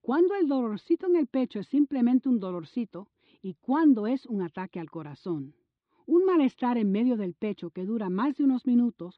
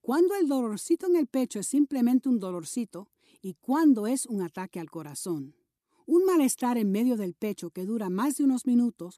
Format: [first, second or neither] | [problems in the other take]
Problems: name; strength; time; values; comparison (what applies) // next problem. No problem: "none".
second | muffled; very; fading above 3.5 kHz